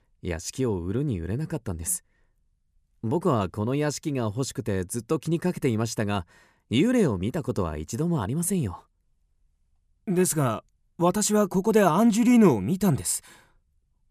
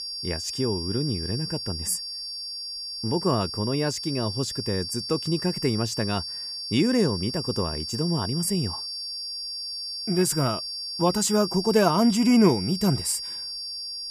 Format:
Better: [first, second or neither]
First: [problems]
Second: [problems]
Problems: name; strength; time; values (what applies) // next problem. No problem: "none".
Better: first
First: none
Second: high-pitched whine; loud; throughout; 4.5 kHz, 5 dB below the speech